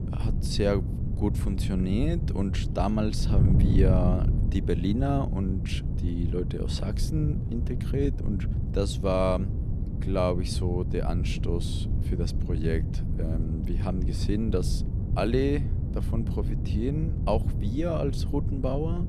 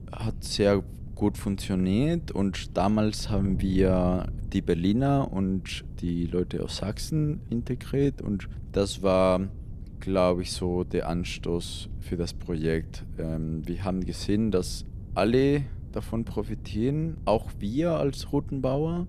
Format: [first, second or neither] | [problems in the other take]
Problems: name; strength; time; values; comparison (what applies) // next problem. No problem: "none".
second | wind noise on the microphone; heavy; 9 dB below the speech; occasional gusts in the second